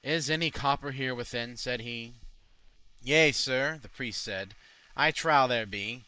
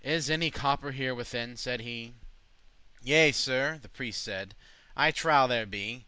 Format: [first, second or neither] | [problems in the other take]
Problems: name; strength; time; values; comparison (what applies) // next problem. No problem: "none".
second | noise reduction (neural mask model Resemble Enhance denoiser)